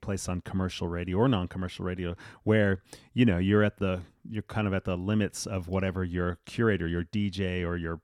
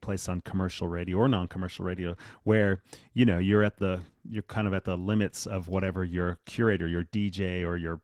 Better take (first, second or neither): first